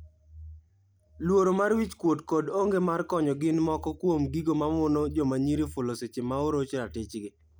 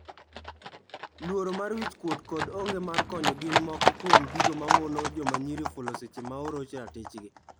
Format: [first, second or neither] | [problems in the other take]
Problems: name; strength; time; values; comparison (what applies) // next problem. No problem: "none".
first | background sound (Livestock, farm animals, working animals); 5 dB above the speech